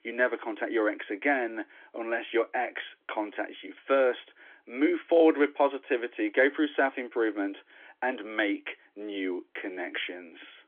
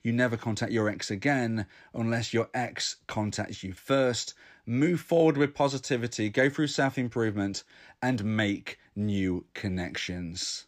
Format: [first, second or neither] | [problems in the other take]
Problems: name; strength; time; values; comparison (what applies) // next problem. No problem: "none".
second | phone-call audio; nothing above 3.5 kHz